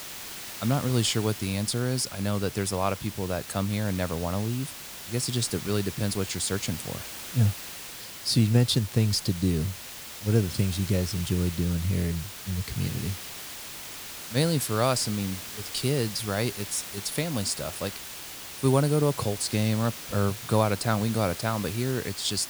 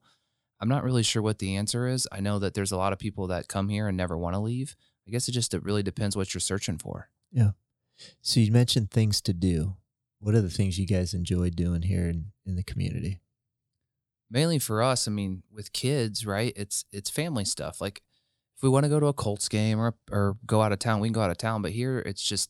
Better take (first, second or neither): second